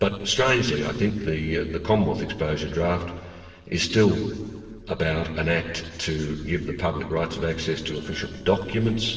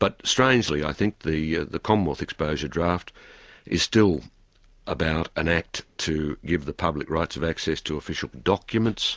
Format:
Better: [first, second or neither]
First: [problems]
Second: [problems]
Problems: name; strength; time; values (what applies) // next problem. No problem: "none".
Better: second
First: noise reduction (neural separator model SepFormer DNS4)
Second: none